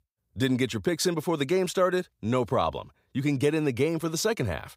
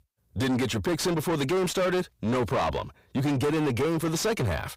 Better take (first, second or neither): first